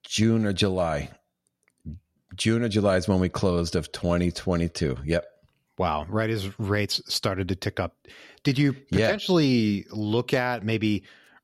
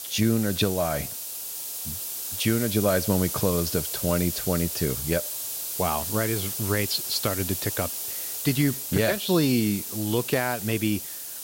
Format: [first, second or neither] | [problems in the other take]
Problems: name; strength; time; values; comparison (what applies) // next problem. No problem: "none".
first | hiss; loud; throughout; 4 dB below the speech